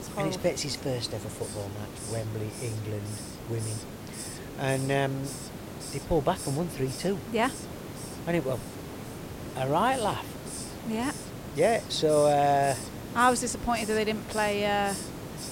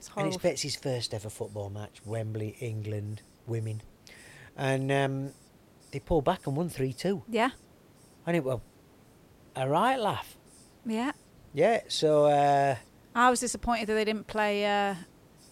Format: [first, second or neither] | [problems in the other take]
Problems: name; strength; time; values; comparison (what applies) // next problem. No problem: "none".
second | hiss; loud; throughout; 10 dB below the speech; faint in the second